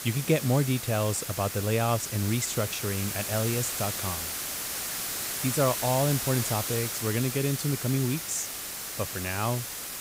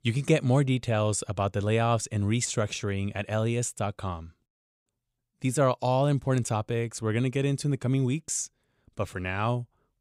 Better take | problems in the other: second | hiss; loud; throughout; 3 dB below the speech

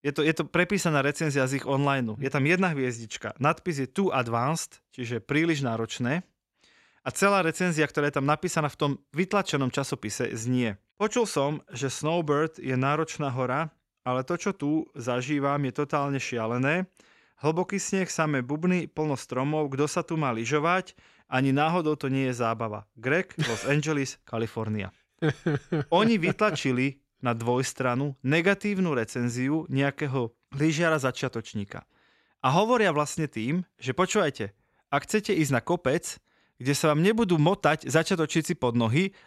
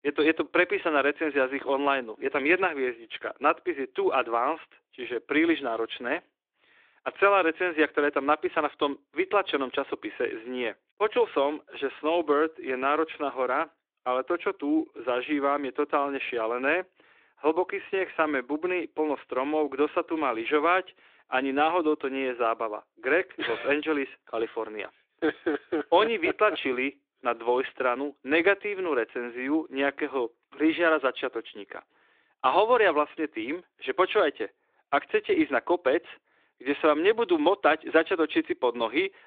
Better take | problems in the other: first | phone-call audio

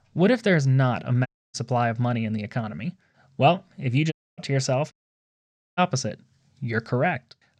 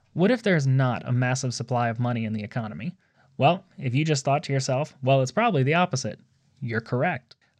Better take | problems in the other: second | audio cutting out; at 1.5 s, at 4 s and at 5 s for 1 s

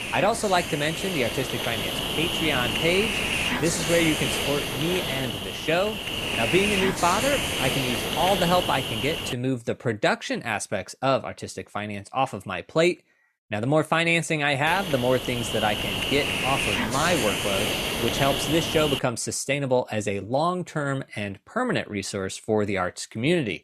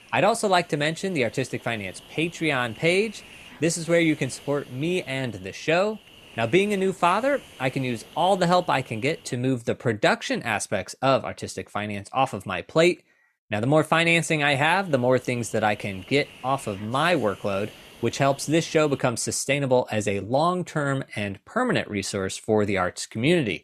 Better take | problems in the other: second | hiss; loud; until 9.5 s and from 15 to 19 s; 1 dB below the speech; faint in the second

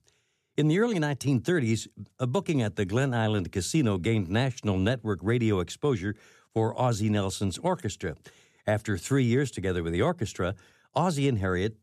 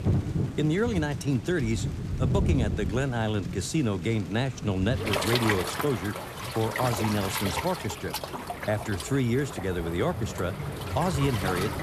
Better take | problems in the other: first | rain or running water; loud; throughout; 3 dB below the speech

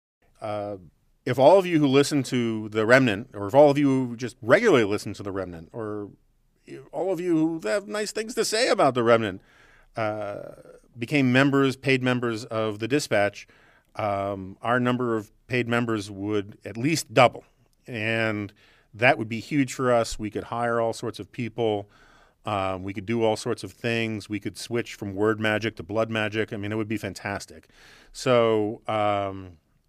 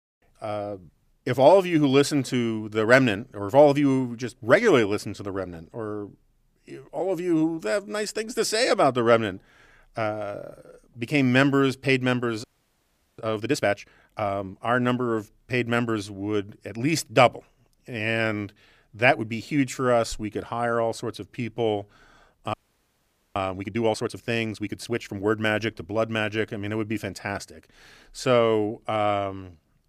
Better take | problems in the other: first | audio freezing; at 12 s for 0.5 s and at 23 s for 1 s

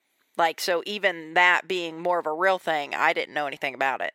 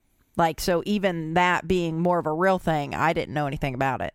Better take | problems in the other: second | thin; very; fading below 500 Hz

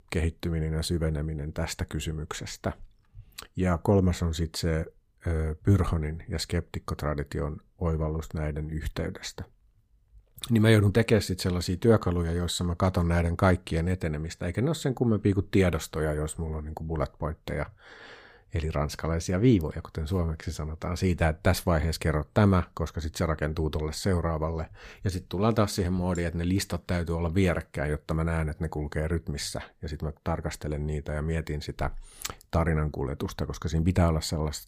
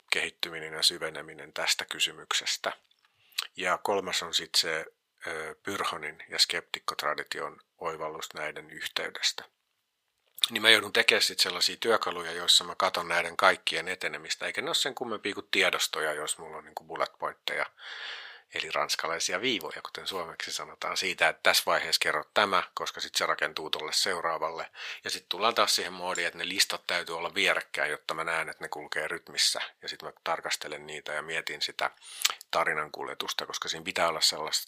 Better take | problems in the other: first | thin; very; fading below 800 Hz

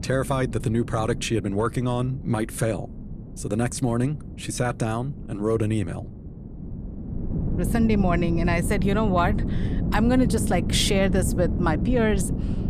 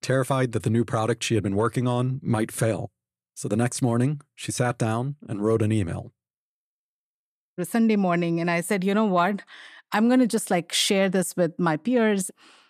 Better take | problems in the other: second | wind noise on the microphone; occasional gusts; 10 dB below the speech

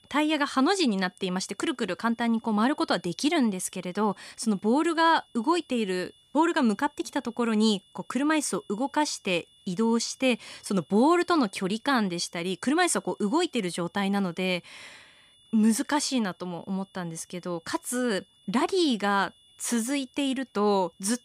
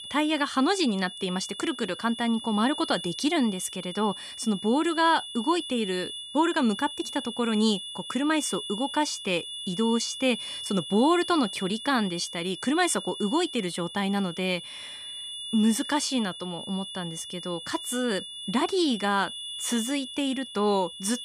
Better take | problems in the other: first | high-pitched whine; loud; throughout; 3.5 kHz, 9 dB below the speech; faint in the first

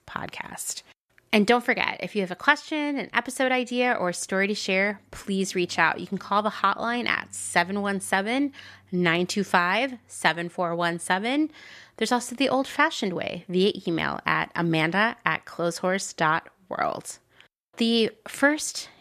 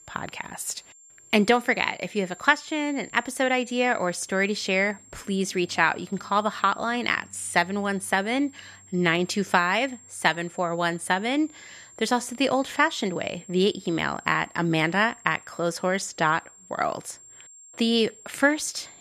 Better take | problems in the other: first | high-pitched whine; faint; throughout; 7.5 kHz, 25 dB below the speech

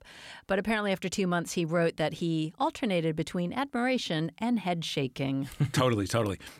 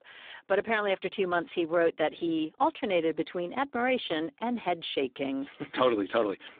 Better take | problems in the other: first | phone-call audio; poor line

